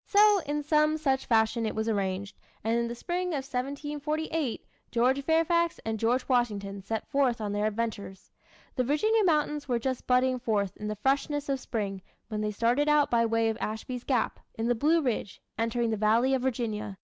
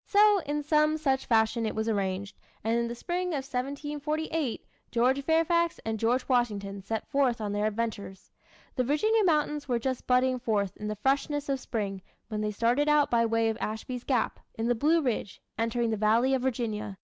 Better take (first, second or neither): second